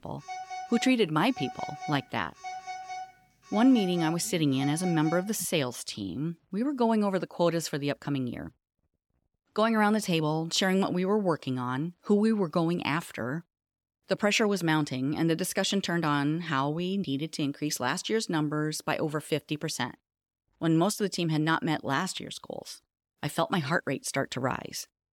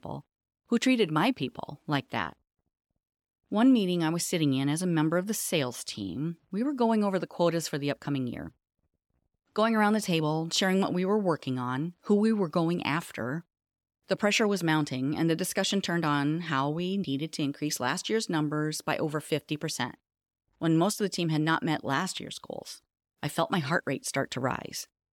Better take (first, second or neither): second